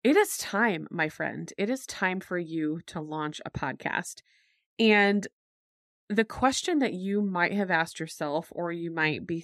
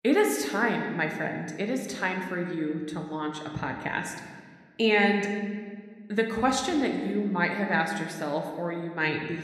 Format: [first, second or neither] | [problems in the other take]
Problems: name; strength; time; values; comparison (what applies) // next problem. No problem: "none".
first | room echo; slight; dies away in 1.4 s